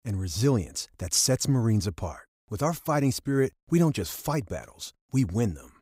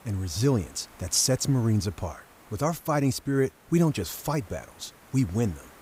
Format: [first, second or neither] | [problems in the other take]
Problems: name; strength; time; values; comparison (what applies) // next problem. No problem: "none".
first | hiss; faint; throughout; 25 dB below the speech